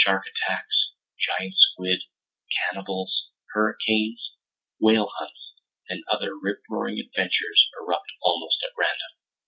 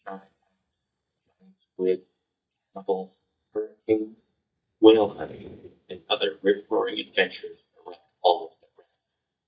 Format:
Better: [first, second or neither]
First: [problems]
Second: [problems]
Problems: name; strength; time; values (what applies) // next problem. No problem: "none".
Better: first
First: none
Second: noise reduction (neural mask model DeepFilterNet 3)